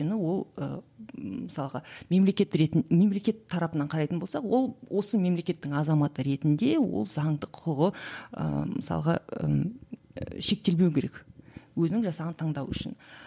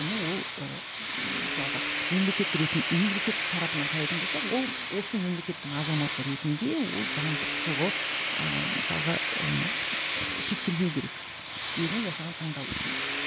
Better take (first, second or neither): first